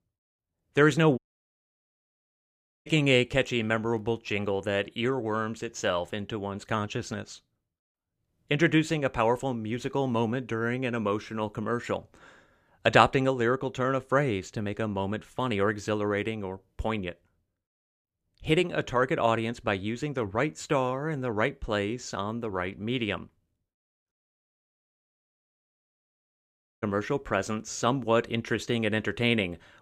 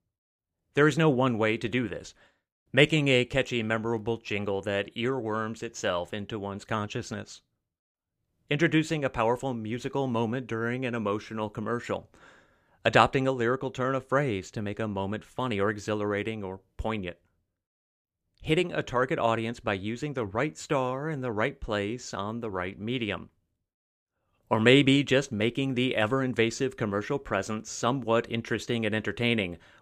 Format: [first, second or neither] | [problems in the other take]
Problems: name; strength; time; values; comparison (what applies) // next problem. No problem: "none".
second | audio cutting out; at 1 s for 1.5 s and at 24 s for 2.5 s